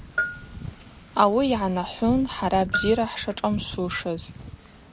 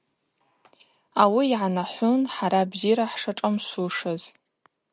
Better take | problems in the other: second | background sound (Bell + Wind / Ocean); 9 dB below the speech

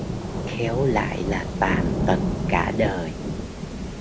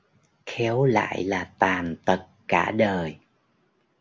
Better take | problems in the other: second | background sound (Rain / Thunderstorm); as loud as the speech

